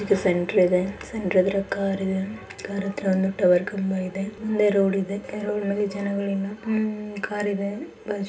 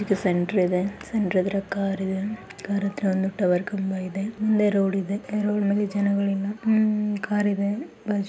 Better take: second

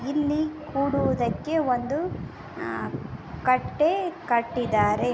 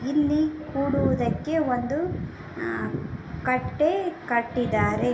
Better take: first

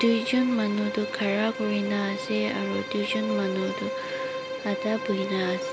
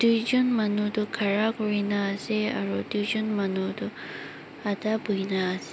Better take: second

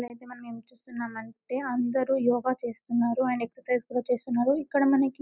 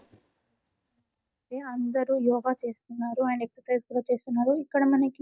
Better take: first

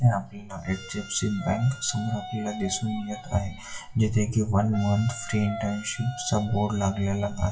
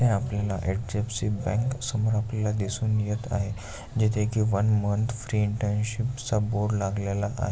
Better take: second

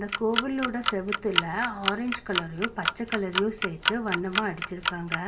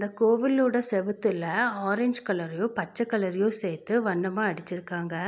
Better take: second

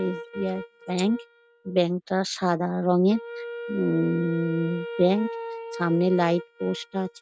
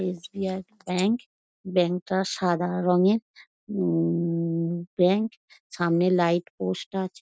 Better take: second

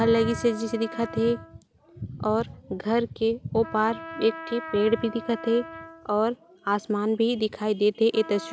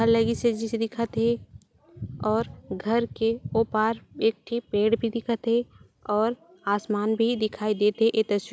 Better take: second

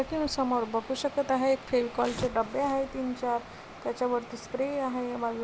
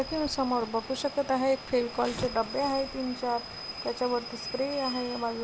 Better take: first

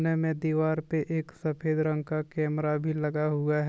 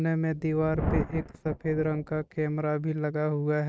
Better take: first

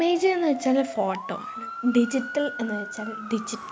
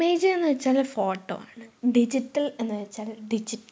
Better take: second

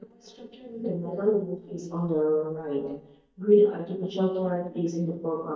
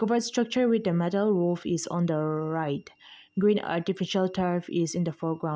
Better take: second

